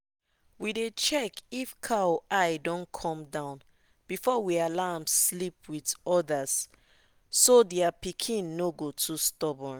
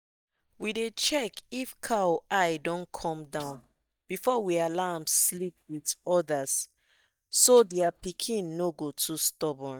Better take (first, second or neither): first